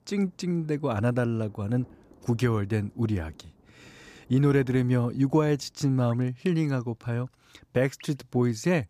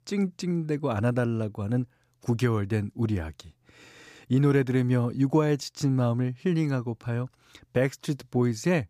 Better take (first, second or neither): second